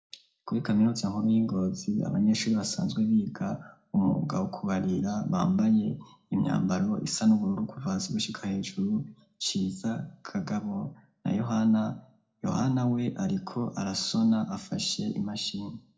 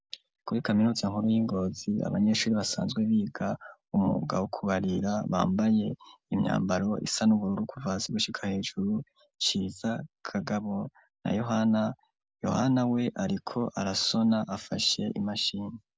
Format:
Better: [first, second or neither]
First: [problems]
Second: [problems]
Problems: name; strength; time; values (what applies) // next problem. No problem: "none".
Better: second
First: room echo; dies away in 0.3 s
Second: none